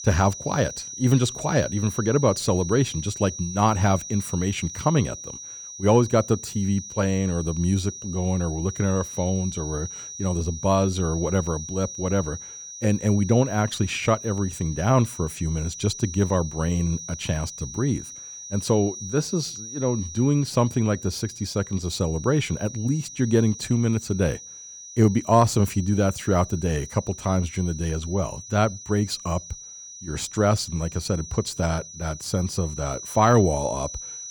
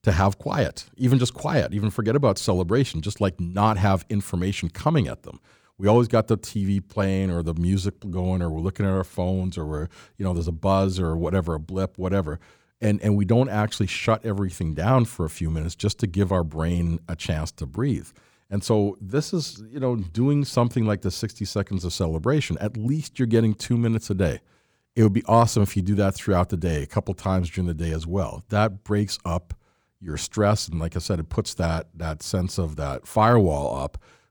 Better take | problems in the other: second | high-pitched whine; noticeable; throughout; 6 kHz, 10 dB below the speech

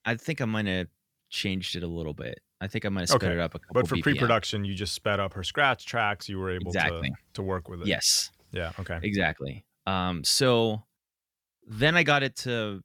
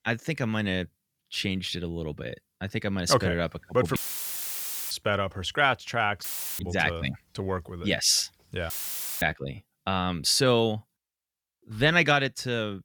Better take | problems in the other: first | audio cutting out; filled with static; at 4 s for 1 s, at 6 s and at 8.5 s for 0.5 s

